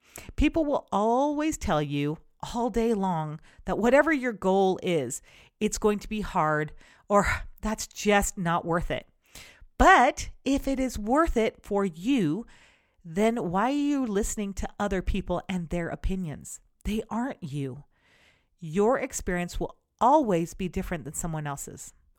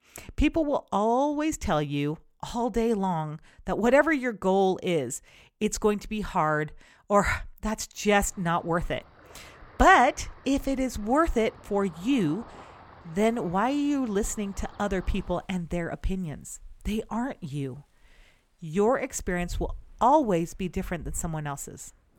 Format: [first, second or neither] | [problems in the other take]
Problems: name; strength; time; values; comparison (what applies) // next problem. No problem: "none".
first | rain or running water; faint; from 8 s on; 20 dB below the speech